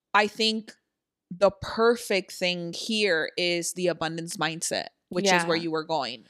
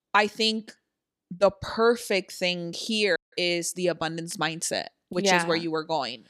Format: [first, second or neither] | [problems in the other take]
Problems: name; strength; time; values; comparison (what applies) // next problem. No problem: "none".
first | audio cutting out; at 3 s